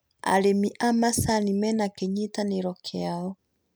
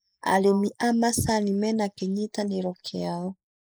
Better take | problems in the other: first | noise reduction (neural mask model Resemble Enhance denoiser)

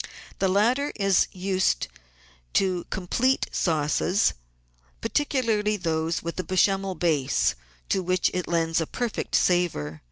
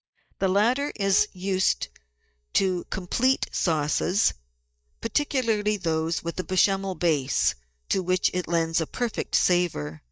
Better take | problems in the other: first | noise reduction (neural mask model DeepFilterNet 3)

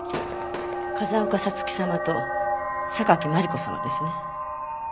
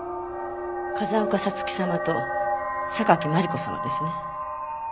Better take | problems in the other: second | background sound (Gunshot, gunfire / Fireworks); 17 dB below the speech

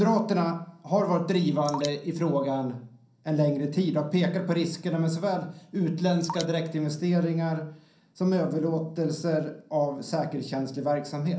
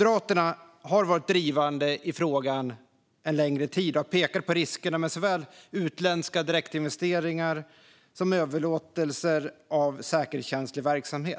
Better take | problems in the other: second | background sound (Drip); 16 dB below the speech // room echo; dies away in 0.6 s

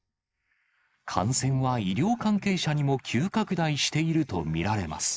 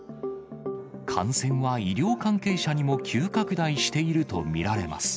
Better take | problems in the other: second | noise reduction (neural mask model Resemble Enhance denoiser)

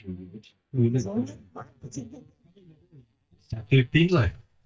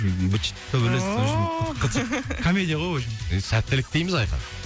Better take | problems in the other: second | noise reduction (neural mask model DeepFilterNet 3)

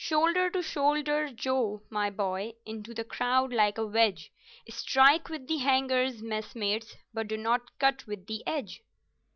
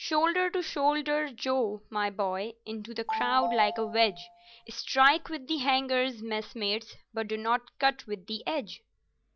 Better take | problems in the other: first | background sound (Telephone); 7 dB below the speech

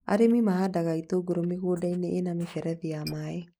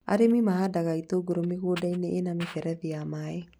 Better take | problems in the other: second | noise reduction (neural mask model Resemble Enhance denoiser)

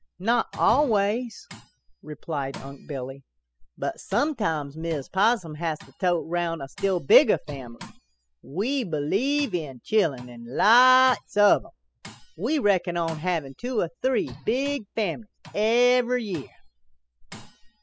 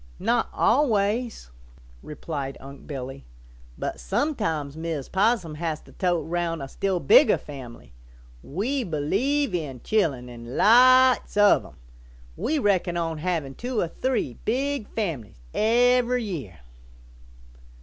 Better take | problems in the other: second | noise reduction (classical method spectral subtraction)

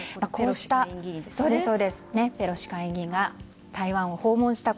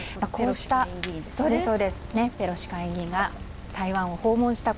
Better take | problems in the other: first | background sound (Rain + Chink, clink); 12 dB below the speech

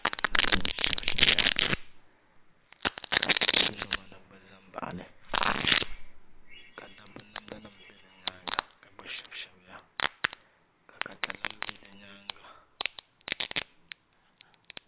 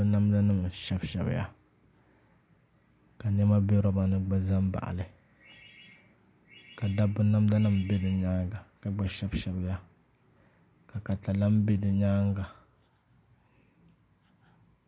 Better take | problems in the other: second | noise reduction (neural separator model SepFormer WHAM!)

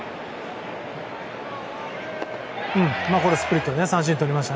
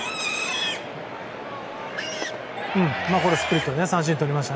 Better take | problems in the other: first | background sound (Livestock, farm animals, working animals); 8 dB below the speech

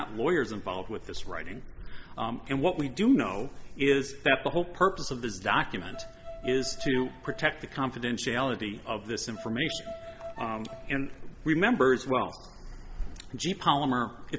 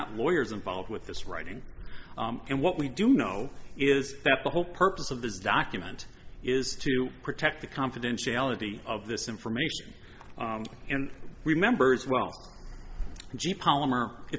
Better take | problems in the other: second | background sound (Bowed string instrument); 15 dB below the speech

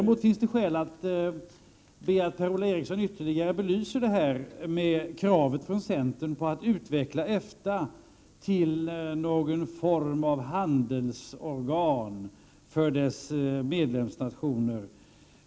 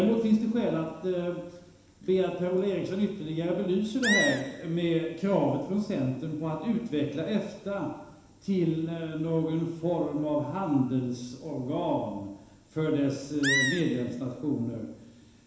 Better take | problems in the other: first | background sound (Animal); 3 dB below the speech // room echo; dies away in 1.1 s

